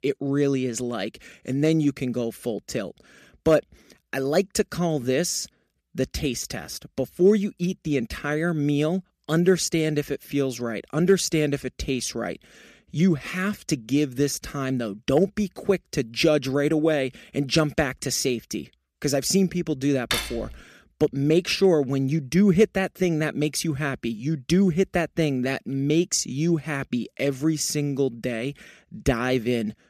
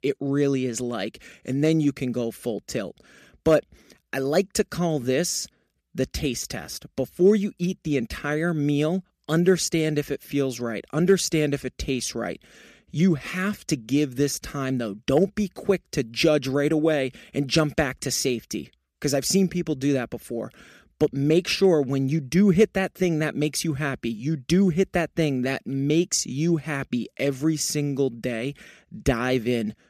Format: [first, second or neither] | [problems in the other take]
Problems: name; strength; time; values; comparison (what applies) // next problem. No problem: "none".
second | clattering dishes; noticeable; at 20 s; peak 2 dB below the speech